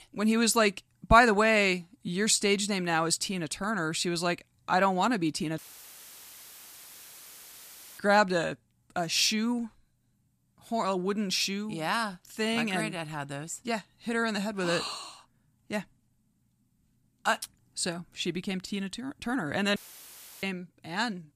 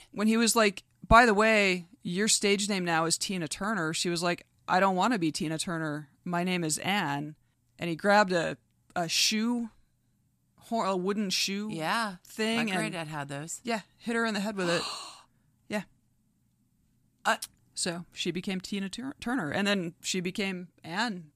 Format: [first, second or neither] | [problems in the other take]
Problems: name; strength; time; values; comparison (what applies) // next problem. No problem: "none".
second | audio cutting out; filled with static; at 5.5 s for 2.5 s and at 20 s for 0.5 s